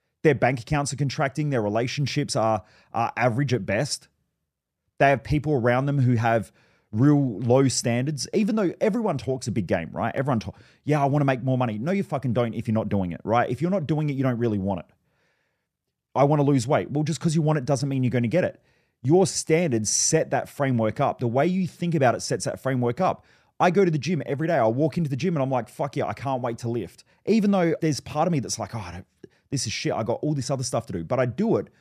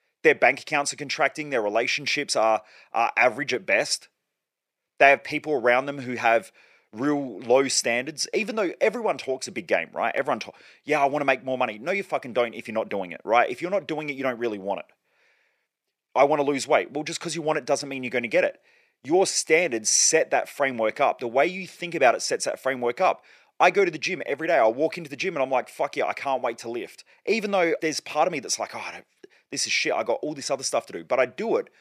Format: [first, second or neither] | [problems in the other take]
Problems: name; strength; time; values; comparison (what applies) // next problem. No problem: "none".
first | thin; somewhat; fading below 450 Hz